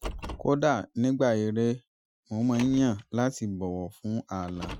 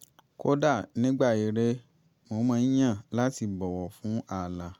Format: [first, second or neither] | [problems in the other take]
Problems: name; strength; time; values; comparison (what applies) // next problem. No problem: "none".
second | noise reduction (classical method Wiener filter)